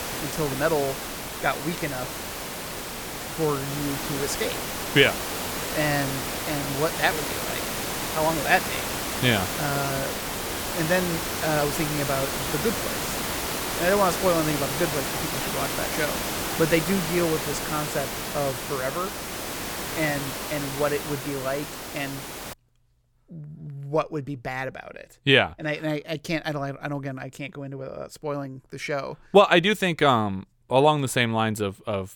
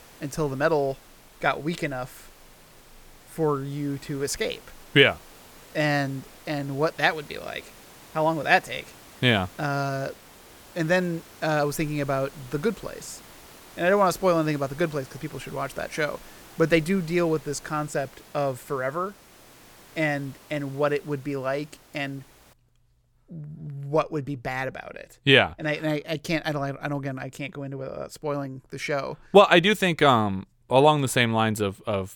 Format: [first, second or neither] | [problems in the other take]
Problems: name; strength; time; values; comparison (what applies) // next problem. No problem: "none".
second | hiss; loud; until 23 s; 3 dB below the speech; faint in the second